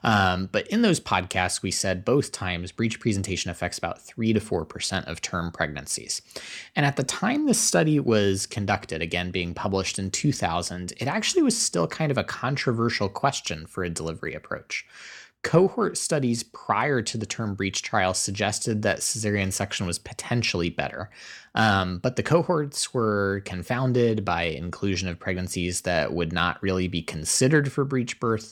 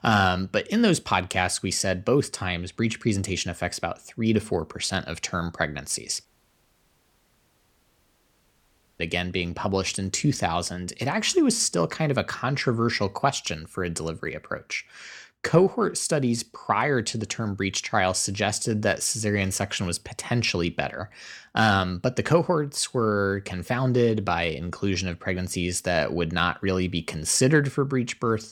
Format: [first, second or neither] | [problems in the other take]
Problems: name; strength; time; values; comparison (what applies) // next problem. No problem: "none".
first | audio cutting out; at 6.5 s for 2.5 s